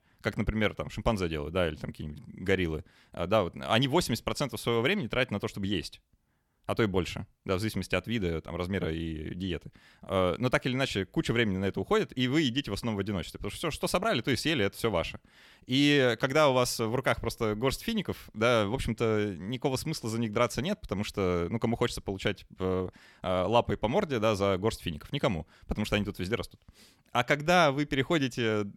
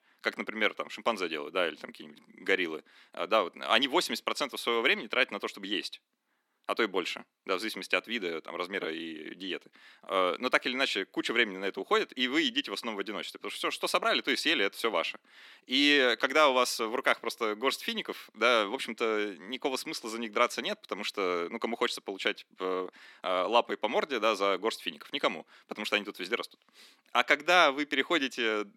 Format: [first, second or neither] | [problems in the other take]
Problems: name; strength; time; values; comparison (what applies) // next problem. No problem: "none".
first | thin; somewhat; fading below 250 Hz